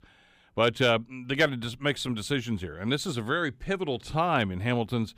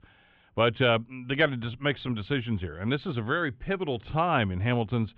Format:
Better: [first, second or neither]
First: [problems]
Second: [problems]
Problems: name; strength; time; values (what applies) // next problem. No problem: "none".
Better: first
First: none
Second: muffled; very; fading above 3 kHz